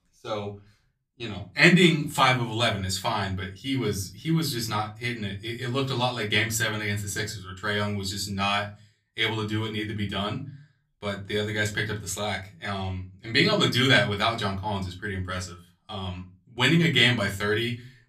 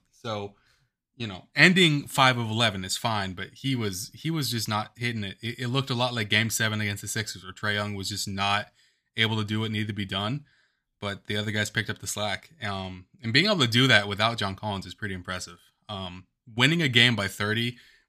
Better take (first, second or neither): second